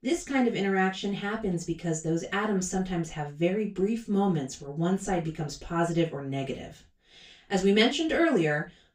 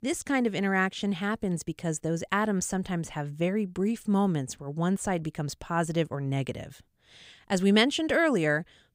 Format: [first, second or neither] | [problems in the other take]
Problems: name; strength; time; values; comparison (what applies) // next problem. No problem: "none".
second | room echo; slight; dies away in 0.2 s // off-mic speech; far